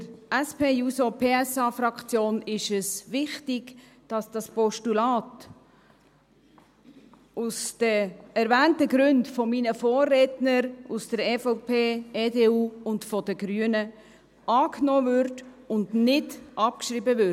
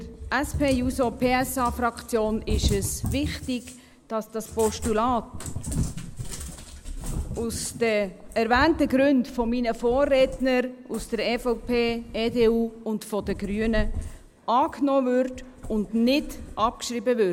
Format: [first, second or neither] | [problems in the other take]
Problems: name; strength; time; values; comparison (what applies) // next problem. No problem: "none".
first | background sound (Cat); 9 dB below the speech